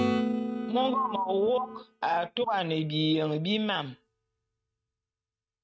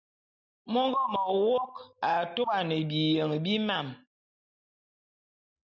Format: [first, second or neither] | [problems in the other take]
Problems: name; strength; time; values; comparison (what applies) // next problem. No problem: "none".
second | noise reduction (neural mask model RNNoise)